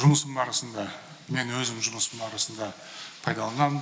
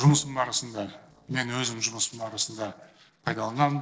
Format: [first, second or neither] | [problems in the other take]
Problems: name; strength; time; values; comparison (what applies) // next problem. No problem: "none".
first | noise reduction (neural separator model SepFormer DNS4)